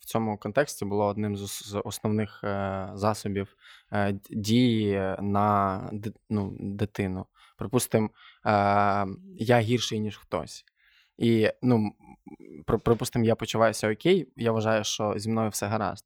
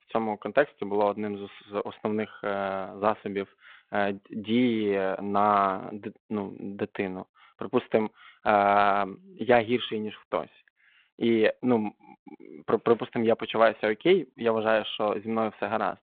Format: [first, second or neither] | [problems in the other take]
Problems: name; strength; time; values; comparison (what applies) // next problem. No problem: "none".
first | phone-call audio